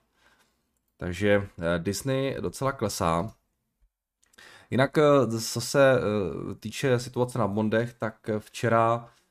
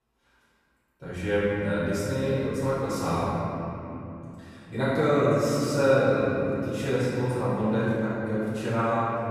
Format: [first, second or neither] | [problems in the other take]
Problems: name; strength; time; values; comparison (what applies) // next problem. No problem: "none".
first | off-mic speech; far // room echo; strong; dies away in 3 s